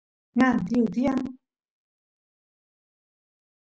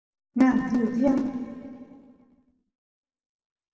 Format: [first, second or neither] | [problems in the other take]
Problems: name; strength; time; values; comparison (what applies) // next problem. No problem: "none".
first | room echo; dies away in 2 s